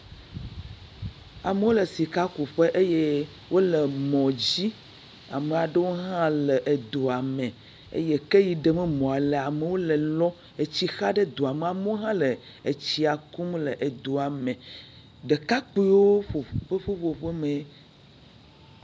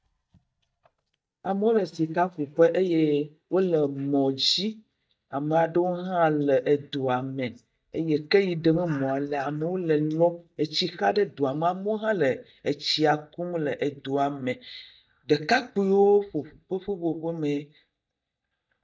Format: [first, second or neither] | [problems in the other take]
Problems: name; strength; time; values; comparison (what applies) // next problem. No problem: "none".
first | noise reduction (neural mask model DeepFilterNet 3)